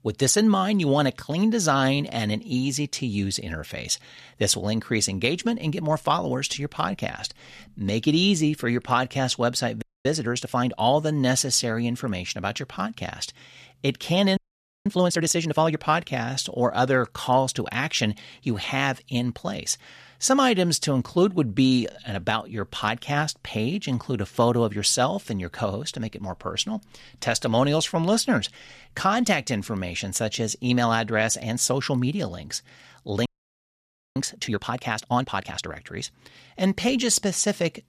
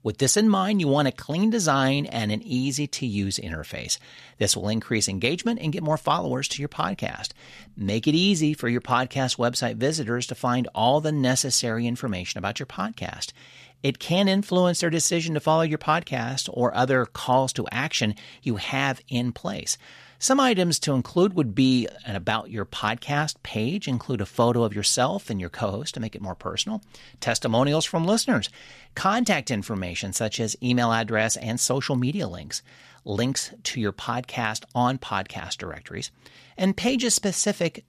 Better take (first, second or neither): second